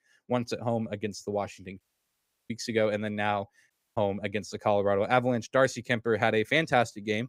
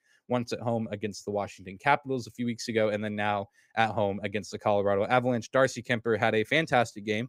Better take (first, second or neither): second